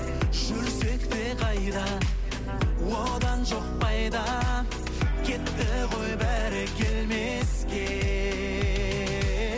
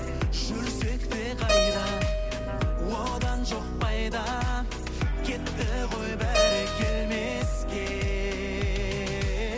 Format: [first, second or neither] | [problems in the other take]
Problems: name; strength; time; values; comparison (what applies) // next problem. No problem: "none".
first | background sound (Keyboard (musical)); 6 dB below the speech